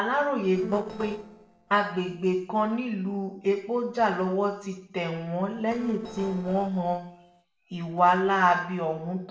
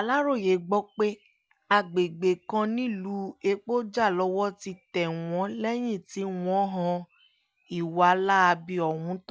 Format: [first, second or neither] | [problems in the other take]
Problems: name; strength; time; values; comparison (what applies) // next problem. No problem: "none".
second | noise reduction (neural separator model SepFormer DNS4)